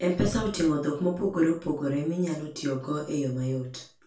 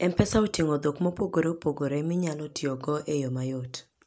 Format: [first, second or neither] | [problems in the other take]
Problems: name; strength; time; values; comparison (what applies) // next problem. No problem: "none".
second | room echo; dies away in 0.3 s